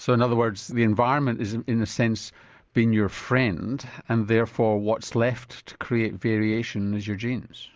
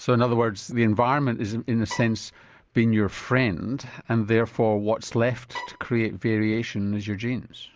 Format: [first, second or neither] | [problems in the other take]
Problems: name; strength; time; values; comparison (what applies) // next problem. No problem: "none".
first | background sound (Bowed string instrument); 15 dB below the speech